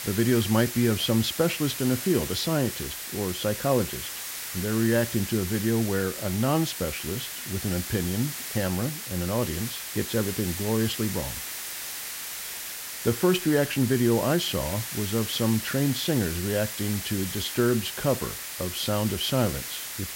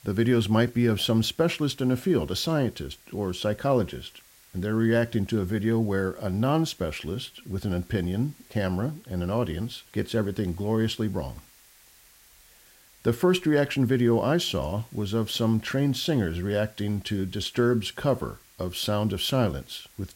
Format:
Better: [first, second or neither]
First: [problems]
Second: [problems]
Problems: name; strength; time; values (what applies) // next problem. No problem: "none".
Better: second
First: hiss; loud; throughout; 6 dB below the speech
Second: hiss; faint; throughout; 25 dB below the speech